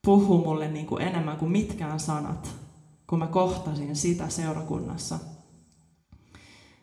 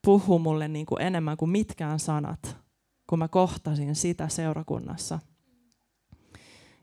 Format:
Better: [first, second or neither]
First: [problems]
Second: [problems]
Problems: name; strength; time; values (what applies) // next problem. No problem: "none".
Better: second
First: room echo; slight; dies away in 1 s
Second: none